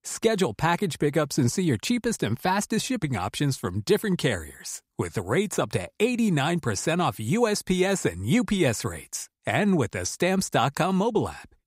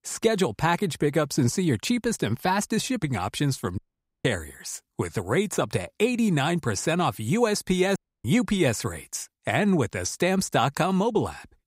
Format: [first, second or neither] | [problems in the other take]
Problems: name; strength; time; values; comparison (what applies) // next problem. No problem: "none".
first | audio cutting out; at 4 s and at 8 s